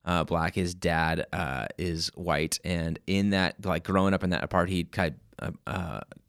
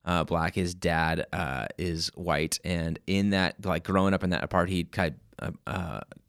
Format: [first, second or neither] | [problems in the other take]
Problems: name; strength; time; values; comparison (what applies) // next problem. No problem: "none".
neither | none